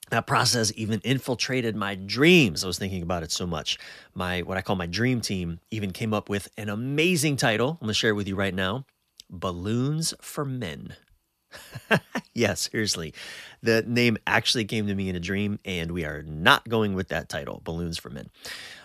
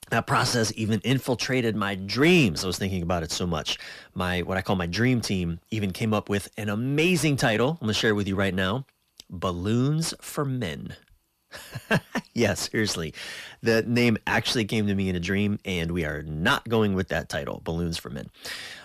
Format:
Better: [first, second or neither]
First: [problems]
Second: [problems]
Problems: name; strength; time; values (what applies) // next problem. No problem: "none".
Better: first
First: none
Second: distortion; slight; 10 dB below the speech